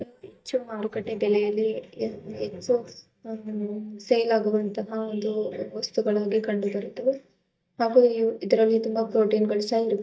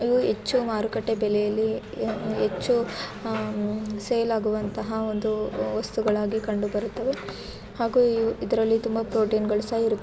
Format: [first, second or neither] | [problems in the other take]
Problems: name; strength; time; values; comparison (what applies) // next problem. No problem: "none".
second | noise reduction (neural mask model DeepFilterNet 3)